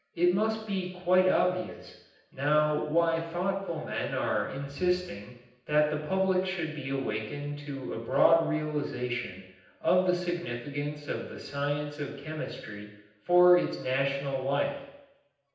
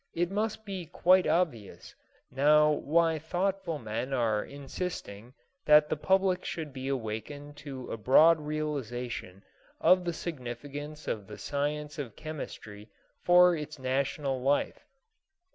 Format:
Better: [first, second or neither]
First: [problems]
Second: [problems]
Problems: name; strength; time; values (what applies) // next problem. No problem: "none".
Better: second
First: room echo; dies away in 0.9 s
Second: none